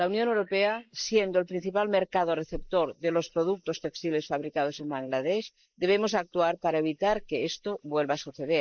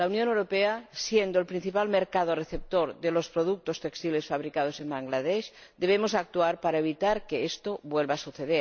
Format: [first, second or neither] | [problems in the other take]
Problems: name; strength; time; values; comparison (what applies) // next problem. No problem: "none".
second | noise reduction (neural mask model Resemble Enhance denoiser)